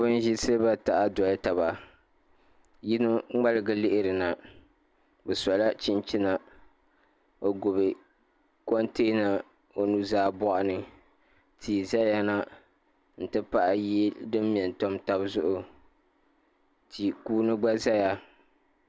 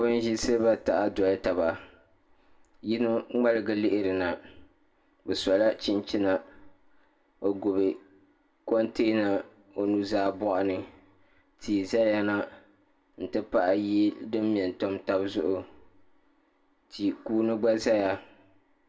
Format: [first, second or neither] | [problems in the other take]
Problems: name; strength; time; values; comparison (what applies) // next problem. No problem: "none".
first | room echo; dies away in 0.3 s